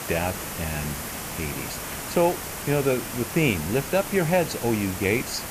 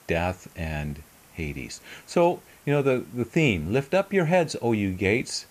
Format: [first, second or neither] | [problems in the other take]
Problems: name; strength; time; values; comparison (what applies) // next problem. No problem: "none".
second | hiss; loud; throughout; 6 dB below the speech; faint in the second